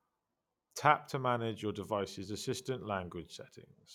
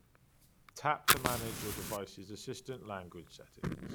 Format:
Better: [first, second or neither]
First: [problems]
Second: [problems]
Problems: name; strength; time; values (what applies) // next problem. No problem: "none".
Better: first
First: none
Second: background sound (Fire); 3 dB above the speech